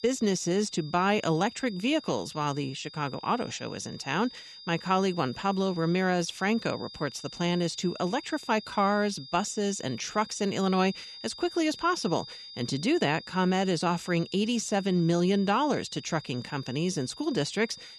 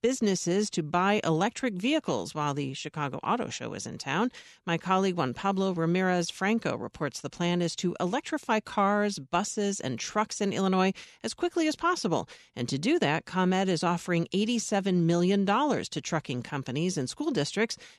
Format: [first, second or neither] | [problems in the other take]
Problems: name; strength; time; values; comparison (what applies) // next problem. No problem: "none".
second | high-pitched whine; noticeable; throughout; 5 kHz, 15 dB below the speech